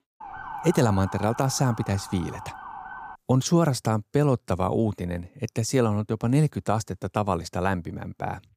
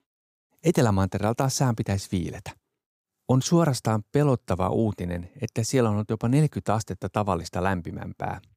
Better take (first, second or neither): second